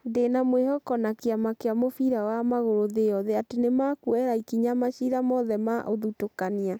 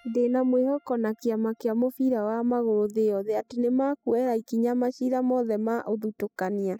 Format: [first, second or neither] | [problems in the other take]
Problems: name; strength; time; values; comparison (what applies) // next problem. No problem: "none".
first | noise reduction (classical method spectral subtraction)